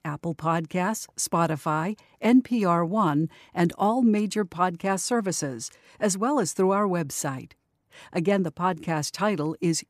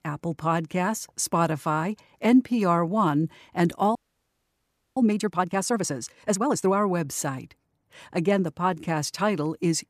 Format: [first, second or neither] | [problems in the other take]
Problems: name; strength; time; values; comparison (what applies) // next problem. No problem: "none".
first | audio freezing; at 4 s for 1 s